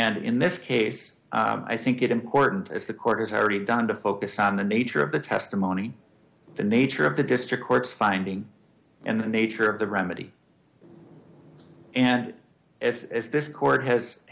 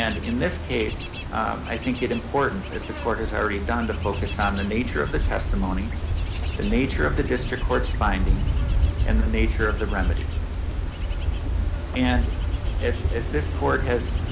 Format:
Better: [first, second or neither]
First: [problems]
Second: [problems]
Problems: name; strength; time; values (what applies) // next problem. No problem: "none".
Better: first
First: none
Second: background sound (Wind / Bird / Insect); 2 dB above the speech